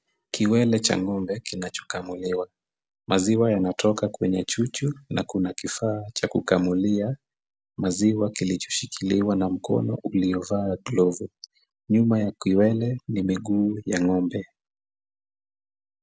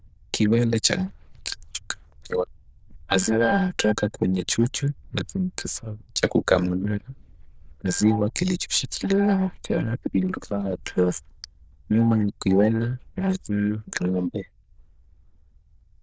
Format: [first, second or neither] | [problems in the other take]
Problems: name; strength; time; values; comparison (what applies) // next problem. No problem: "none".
first | noise reduction (neural diffusion model UNIVERSE++)